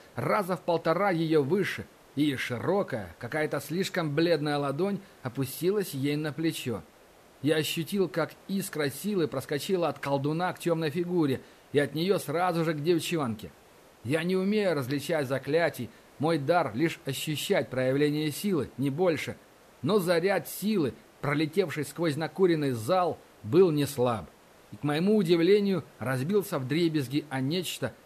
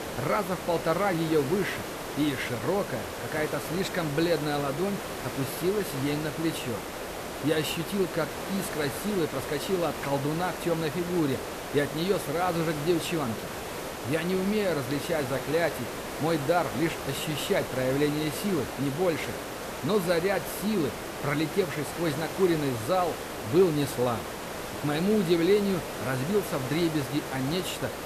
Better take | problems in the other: first | hiss; loud; throughout; 6 dB below the speech; faint in the first

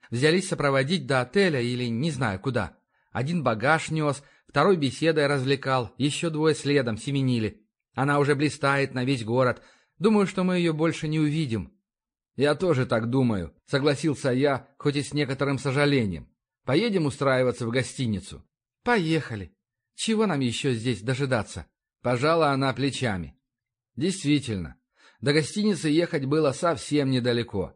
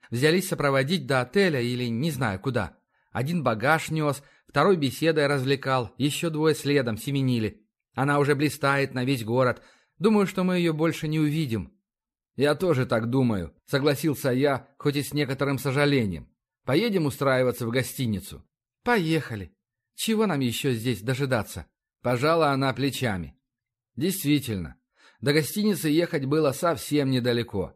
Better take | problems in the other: second | garbled, watery; slightly; nothing above 8.5 kHz

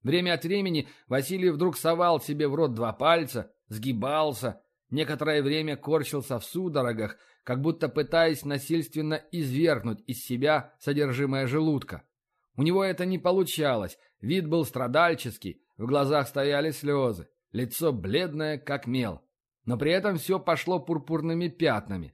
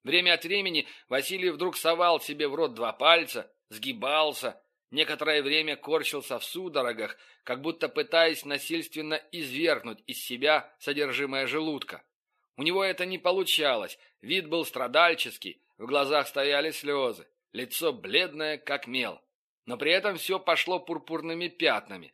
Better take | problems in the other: first | thin; somewhat; fading below 400 Hz

